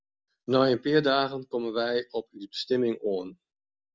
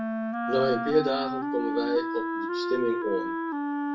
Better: first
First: none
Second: background sound (Wind instrument, woodwind instrument); 1 dB below the speech // room echo; dies away in 0.2 s

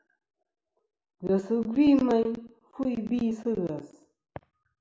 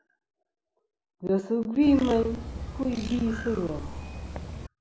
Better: first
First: none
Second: background sound (Bird); 8 dB below the speech

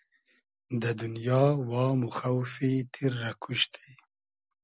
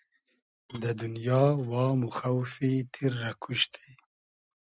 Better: first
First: none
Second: noise reduction (neural mask model RNNoise)

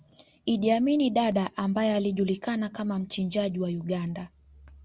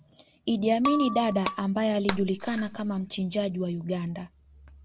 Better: first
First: none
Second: background sound (Shatter); 9 dB below the speech

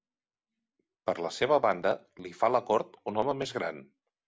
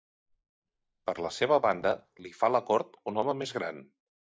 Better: first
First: none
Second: noise reduction (neural mask model DeepFilterNet 3)

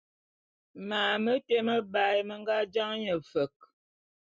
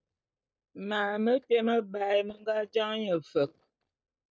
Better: first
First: none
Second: noise reduction (neural mask model DeepFilterNet 3)

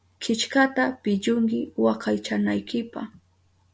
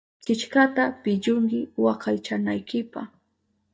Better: first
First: none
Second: noise reduction (neural mask model DeepFilterNet 3)

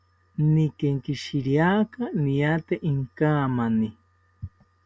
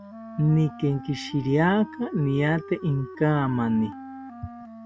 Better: first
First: none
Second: background sound (Wind instrument, woodwind instrument); 15 dB below the speech

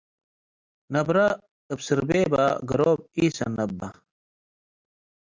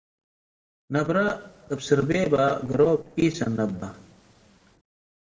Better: first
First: none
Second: noise reduction (neural separator model SepFormer DNS4)

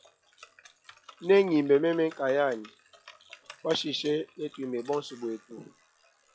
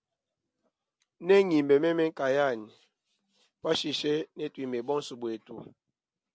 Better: second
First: noise reduction (classical method log-MMSE)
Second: none

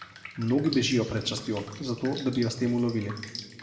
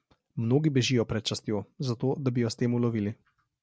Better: second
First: background sound (Drip); 15 dB below the speech // room echo; dies away in 1.4 s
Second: none

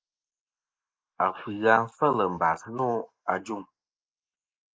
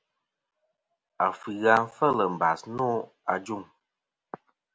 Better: second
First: noise reduction (neural mask model Resemble Enhance denoiser)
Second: none

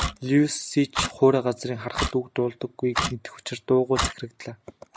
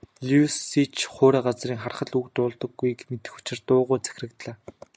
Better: second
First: background sound (Clock); 8 dB below the speech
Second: none

